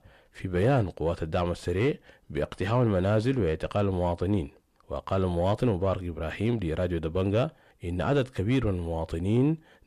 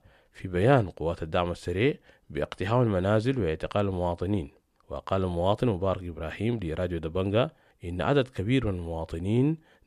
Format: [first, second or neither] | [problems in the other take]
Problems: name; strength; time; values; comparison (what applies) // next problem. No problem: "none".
second | distortion; slight; 10 dB below the speech